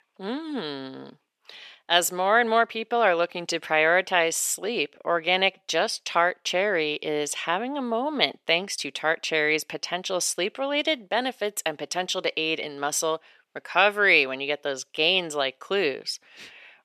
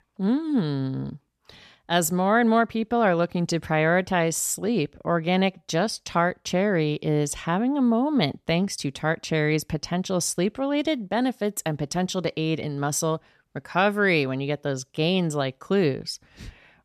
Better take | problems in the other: second | thin; somewhat; fading below 500 Hz

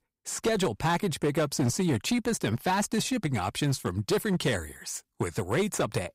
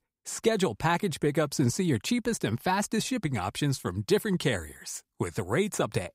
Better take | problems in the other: second | distortion; slight; 9% of the sound clipped

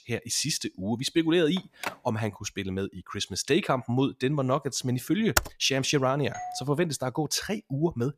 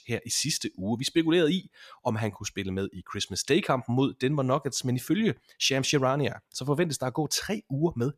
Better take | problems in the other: second | phone ringing; noticeable; at 1.5 s; peak 9 dB below the speech // keyboard typing; very faint; at 5.5 s; peak level with the speech // doorbell; faint; at 6.5 s; peak 10 dB below the speech

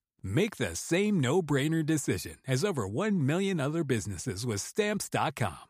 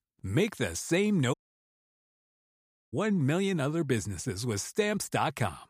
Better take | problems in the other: first | audio cutting out; at 1.5 s for 1.5 s

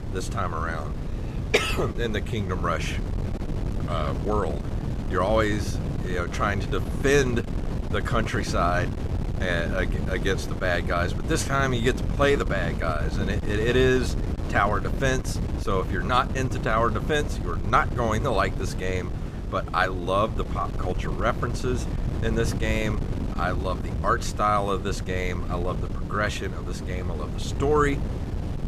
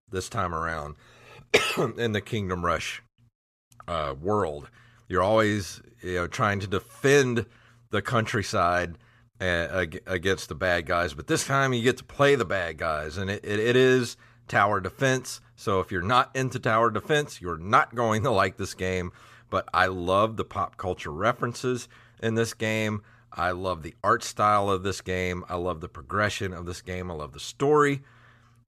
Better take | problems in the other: second | wind noise on the microphone; occasional gusts; 10 dB below the speech

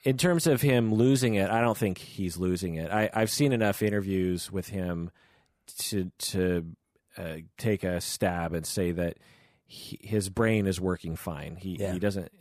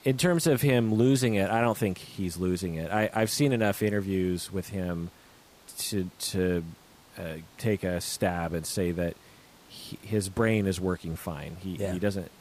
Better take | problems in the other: first | hiss; faint; throughout; 25 dB below the speech

